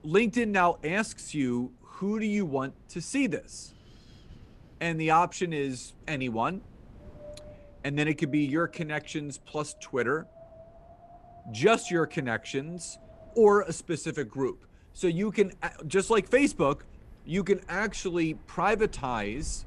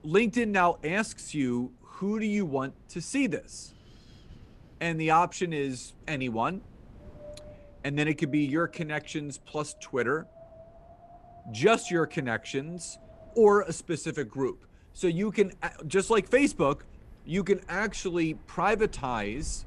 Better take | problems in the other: neither | wind in the background; faint; throughout; 25 dB below the speech; the same in both

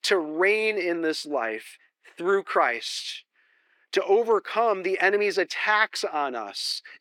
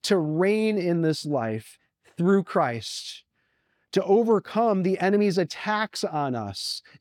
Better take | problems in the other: second | thin; very; fading below 350 Hz

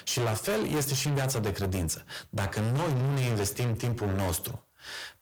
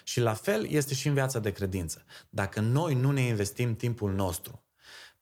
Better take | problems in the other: second | distortion; heavy; 6 dB below the speech

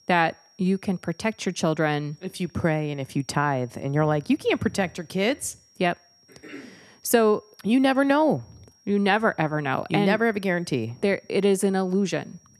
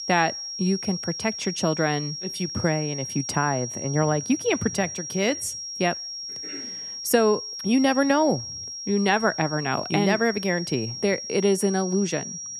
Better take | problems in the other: first | high-pitched whine; loud; throughout; 5.5 kHz, 7 dB below the speech; faint in the first

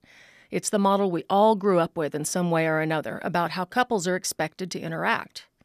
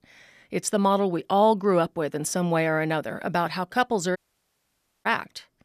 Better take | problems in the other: first | audio cutting out; at 4 s for 1 s

